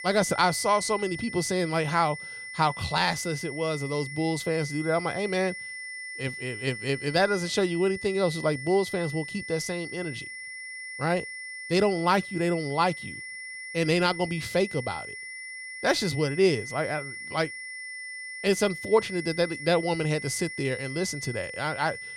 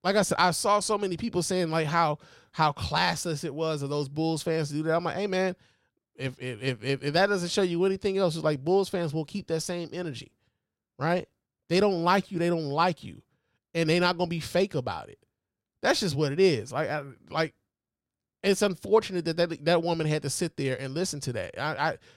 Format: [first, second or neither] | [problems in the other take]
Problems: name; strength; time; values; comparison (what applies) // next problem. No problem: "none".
second | high-pitched whine; loud; throughout; 2 kHz, 9 dB below the speech